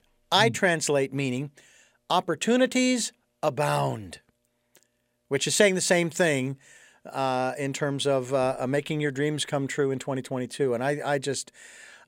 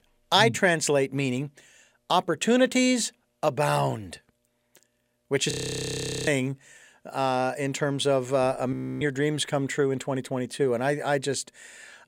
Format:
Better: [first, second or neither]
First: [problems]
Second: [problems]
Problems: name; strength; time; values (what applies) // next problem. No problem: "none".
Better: first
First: none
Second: audio freezing; at 5.5 s for 1 s and at 8.5 s